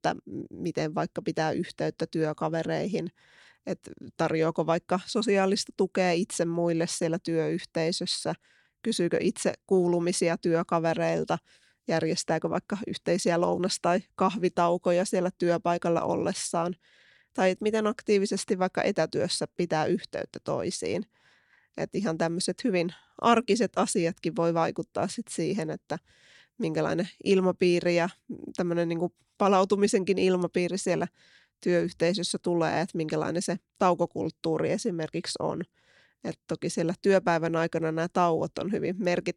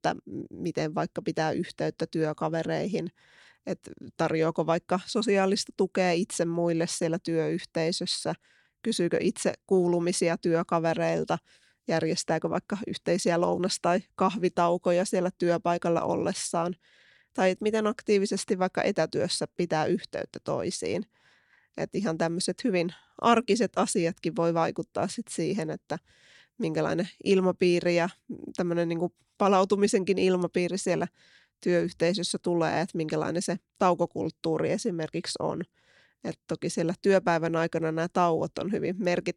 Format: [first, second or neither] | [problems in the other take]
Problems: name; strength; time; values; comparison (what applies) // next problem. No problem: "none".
neither | none